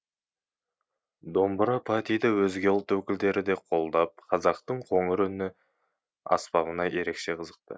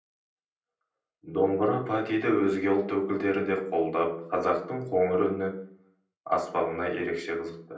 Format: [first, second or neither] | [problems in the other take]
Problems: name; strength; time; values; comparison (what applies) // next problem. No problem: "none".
first | room echo; dies away in 0.6 s